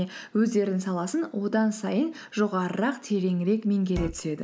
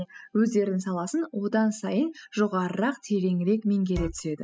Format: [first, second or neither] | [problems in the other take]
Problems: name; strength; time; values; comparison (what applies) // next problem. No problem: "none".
first | noise reduction (classical method spectral subtraction)